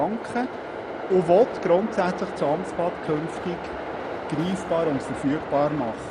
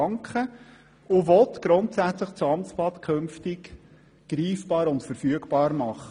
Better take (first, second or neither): second